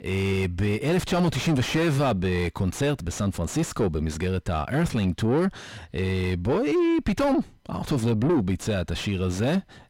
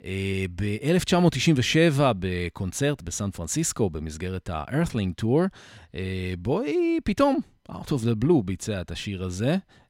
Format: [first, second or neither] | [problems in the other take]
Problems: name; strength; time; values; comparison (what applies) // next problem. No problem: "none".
second | distortion; heavy; 5 dB below the speech